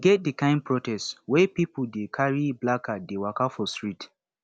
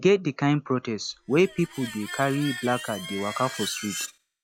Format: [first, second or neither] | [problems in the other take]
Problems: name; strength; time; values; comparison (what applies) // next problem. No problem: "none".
first | noise reduction (classical method log-MMSE)